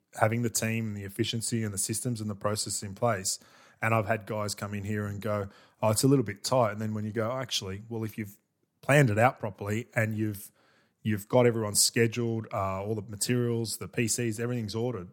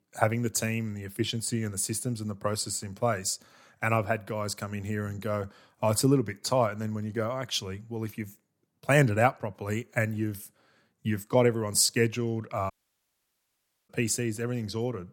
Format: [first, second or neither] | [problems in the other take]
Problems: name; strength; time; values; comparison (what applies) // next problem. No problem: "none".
first | audio cutting out; at 13 s for 1 s